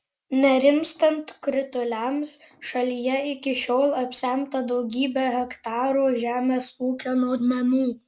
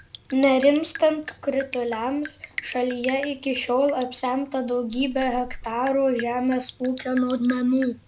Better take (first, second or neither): first